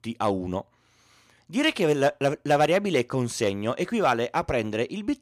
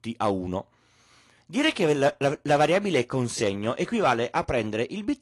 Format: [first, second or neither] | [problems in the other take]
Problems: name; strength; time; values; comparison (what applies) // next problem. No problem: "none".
first | garbled, watery; slightly; nothing above 11 kHz